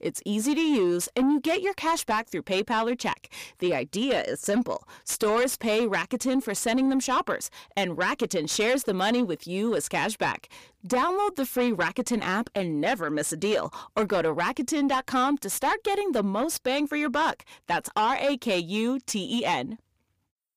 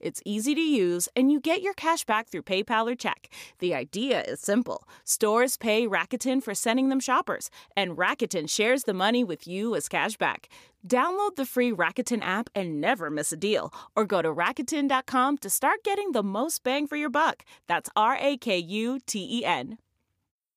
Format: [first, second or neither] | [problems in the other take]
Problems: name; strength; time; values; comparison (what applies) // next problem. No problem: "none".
second | distortion; slight; 10 dB below the speech